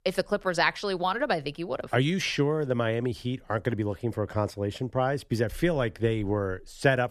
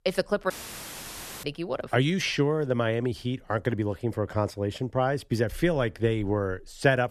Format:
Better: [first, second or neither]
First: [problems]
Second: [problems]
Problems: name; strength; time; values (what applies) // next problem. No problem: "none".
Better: first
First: none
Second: audio cutting out; filled with static; at 0.5 s for 1 s